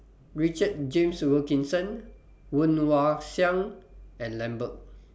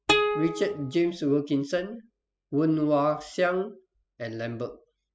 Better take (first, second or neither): first